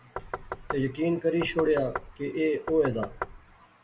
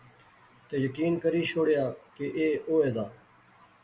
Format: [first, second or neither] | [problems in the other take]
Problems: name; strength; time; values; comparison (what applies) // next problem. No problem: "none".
second | background sound (Knock); 10 dB below the speech